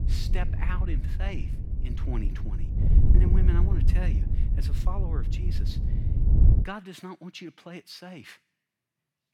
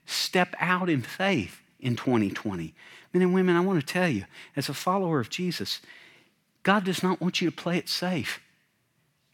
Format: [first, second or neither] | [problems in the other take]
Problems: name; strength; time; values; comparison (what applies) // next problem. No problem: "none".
second | wind noise on the microphone; heavy; until 6.5 s; 2 dB below the speech